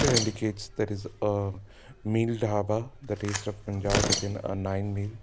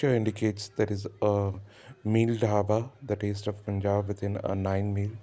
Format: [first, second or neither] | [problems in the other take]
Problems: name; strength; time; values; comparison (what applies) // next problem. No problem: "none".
second | background sound (Tearing); 5 dB below the speech